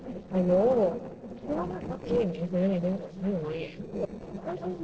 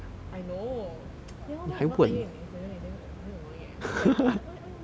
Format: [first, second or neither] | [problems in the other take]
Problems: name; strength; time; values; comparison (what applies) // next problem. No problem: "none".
second | noise reduction (neural separator model SepFormer DNS4)